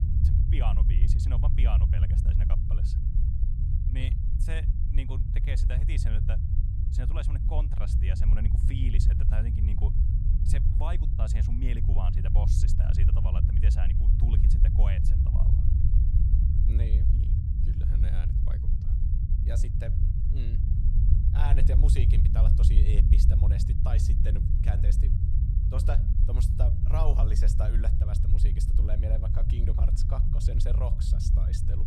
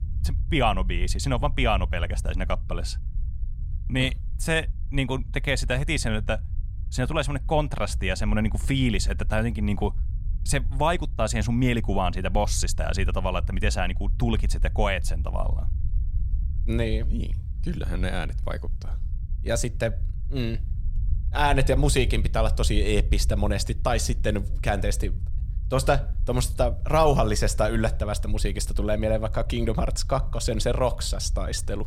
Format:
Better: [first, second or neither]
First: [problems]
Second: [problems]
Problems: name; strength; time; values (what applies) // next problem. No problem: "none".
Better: second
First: low rumble; loud; throughout; as loud as the speech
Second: low rumble; faint; throughout; 20 dB below the speech